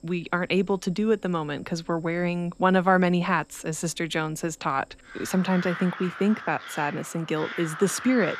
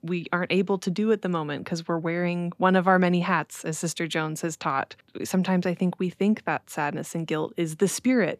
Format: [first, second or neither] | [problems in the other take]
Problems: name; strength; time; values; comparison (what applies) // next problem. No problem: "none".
second | animal sounds; noticeable; throughout; 10 dB below the speech